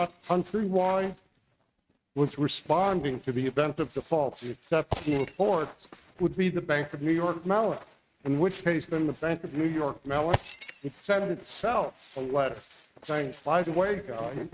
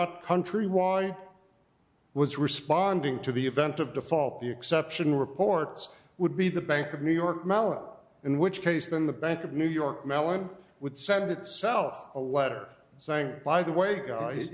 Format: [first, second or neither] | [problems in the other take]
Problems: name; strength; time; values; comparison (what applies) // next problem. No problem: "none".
second | noise reduction (neural mask model RNNoise)